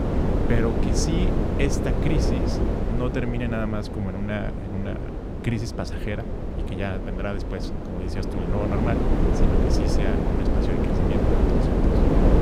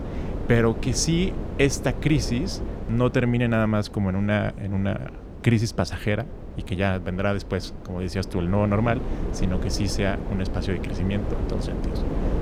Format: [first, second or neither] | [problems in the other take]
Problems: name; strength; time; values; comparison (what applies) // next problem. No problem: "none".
second | wind noise on the microphone; heavy; 3 dB above the speech; occasional gusts in the second